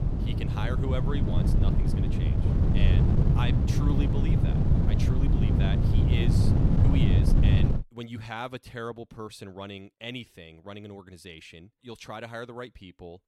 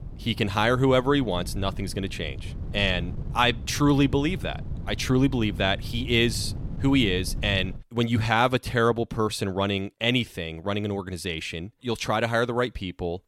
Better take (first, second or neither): second